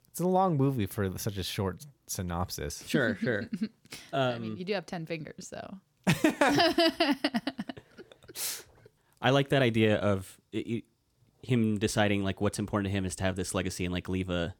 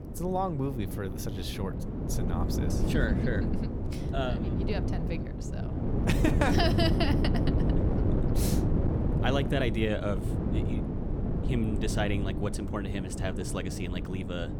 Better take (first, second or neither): first